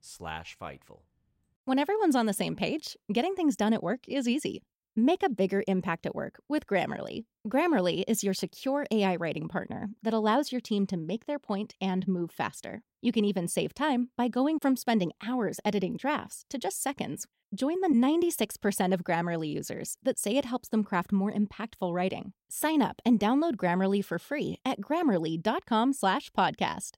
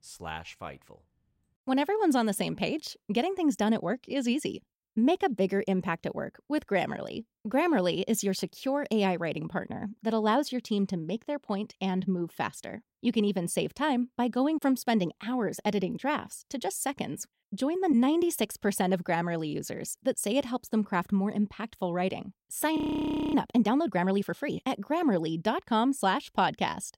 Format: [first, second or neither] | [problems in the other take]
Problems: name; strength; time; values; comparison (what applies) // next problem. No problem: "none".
first | audio freezing; at 23 s for 0.5 s